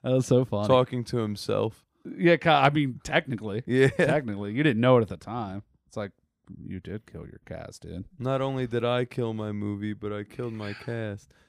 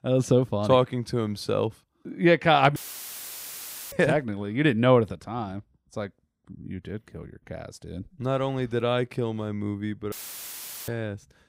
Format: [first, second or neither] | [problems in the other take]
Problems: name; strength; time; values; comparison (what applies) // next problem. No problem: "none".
first | audio cutting out; filled with static; at 3 s for 1 s and at 10 s for 1 s